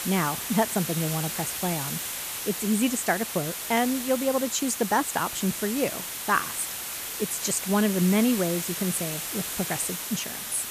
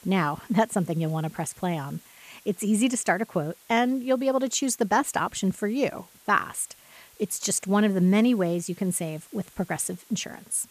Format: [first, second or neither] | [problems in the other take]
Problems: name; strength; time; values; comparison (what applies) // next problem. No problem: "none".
second | hiss; loud; throughout; 4 dB below the speech; faint in the second